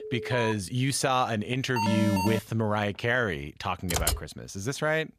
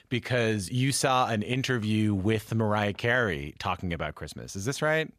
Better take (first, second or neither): second